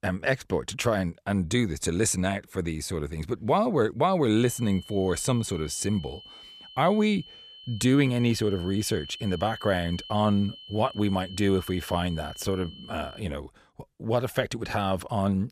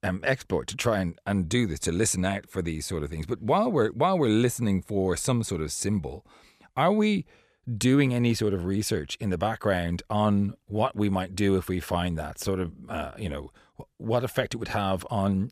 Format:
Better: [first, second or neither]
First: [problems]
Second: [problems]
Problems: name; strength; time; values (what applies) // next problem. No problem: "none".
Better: second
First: high-pitched whine; noticeable; from 4.5 to 13 s; 3 kHz, 15 dB below the speech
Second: none